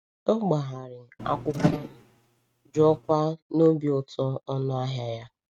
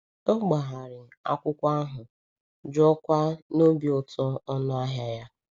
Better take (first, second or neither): second